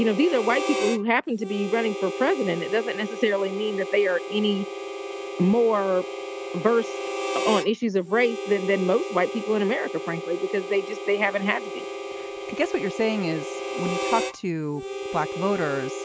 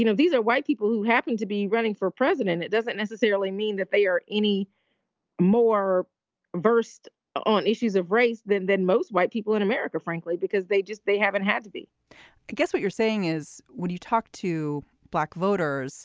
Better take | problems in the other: second | background sound (Harmonica); 7 dB below the speech

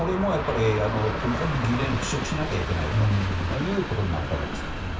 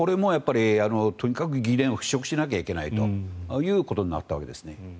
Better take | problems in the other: second | background sound (Train); 3 dB below the speech // room echo; dies away in 0.3 s

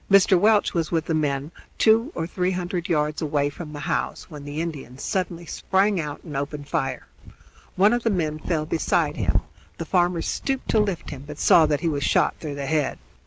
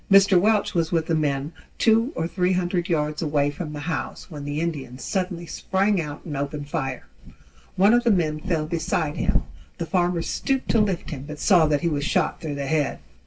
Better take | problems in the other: first | room echo; dies away in 0.2 s

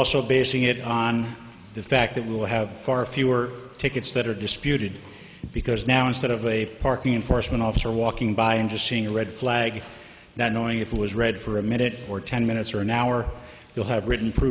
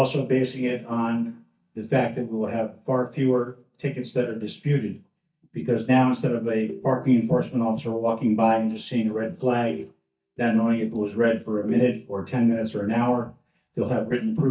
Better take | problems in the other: first | noise reduction (neural mask model DeepFilterNet 3)

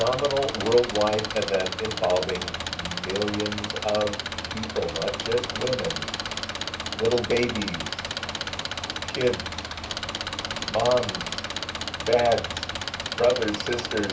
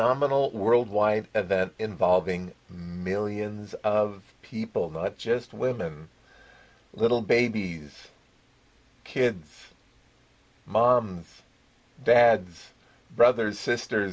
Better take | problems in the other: second | background sound (Engine); 4 dB below the speech // room echo; dies away in 0.3 s

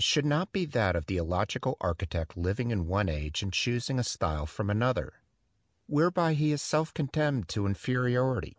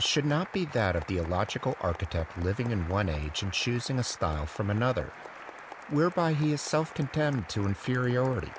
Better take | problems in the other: first | background sound (Applause); 16 dB below the speech

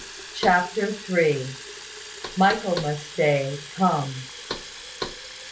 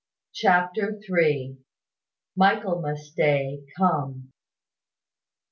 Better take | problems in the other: second | background sound (Knock + Fill (with liquid) / Water tap, faucet); 11 dB below the speech

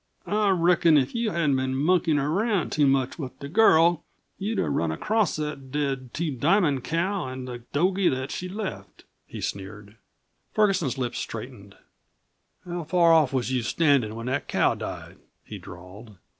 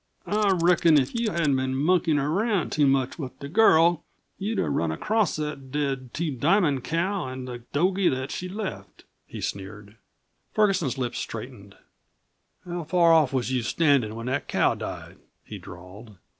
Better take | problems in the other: first | background sound (Tools); 18 dB below the speech

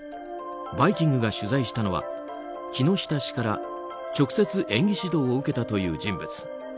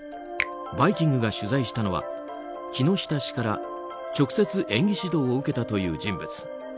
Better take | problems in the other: first | background sound (Finger snapping); 13 dB below the speech

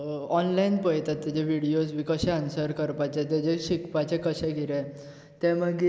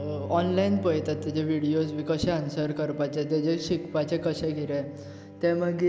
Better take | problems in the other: first | background sound (Bowed string instrument); 12 dB below the speech

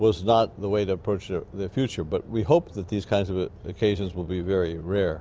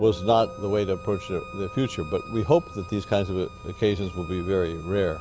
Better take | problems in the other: first | background sound (Bowed string instrument + Musical instrument); 16 dB below the speech

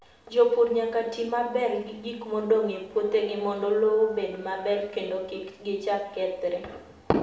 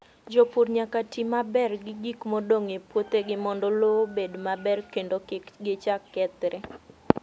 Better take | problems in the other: second | room echo; dies away in 0.6 s

